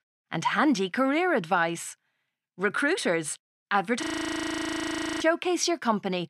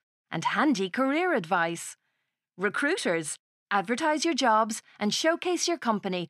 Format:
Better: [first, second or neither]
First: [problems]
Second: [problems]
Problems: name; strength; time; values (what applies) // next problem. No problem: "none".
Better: second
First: audio freezing; at 4 s for 1 s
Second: none